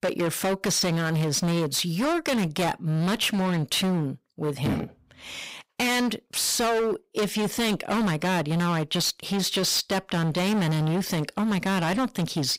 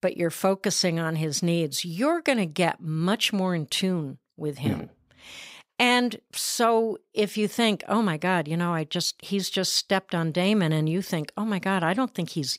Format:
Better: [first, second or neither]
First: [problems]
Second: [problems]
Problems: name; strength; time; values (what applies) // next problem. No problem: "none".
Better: second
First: distortion; heavy; 27% of the sound clipped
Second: none